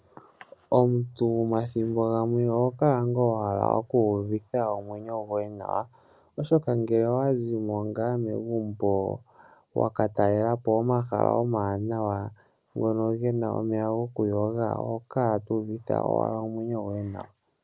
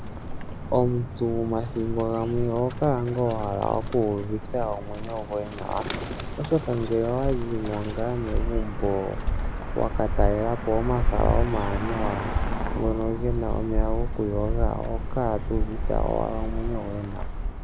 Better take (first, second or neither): first